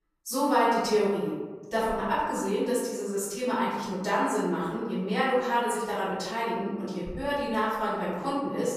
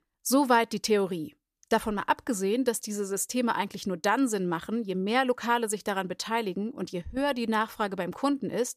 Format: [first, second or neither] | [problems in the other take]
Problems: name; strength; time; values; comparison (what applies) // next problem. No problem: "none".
second | room echo; noticeable; dies away in 1.2 s // off-mic speech; far